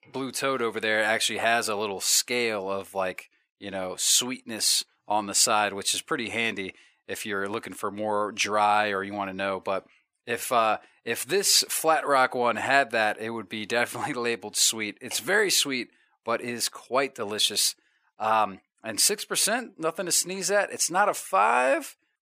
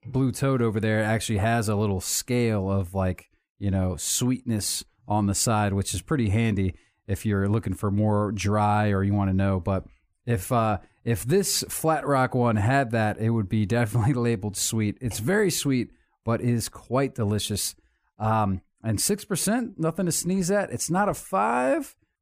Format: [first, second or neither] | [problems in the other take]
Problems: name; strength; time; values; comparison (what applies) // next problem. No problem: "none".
second | thin; very; fading below 450 Hz